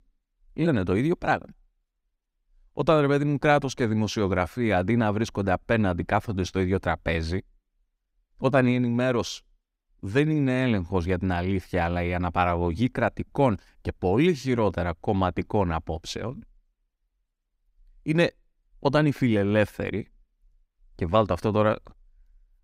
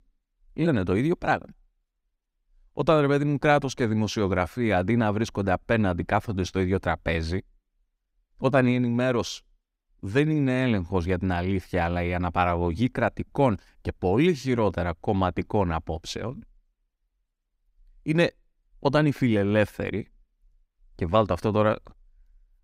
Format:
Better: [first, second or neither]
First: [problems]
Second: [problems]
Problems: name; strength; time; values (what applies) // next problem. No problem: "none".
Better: neither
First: none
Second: none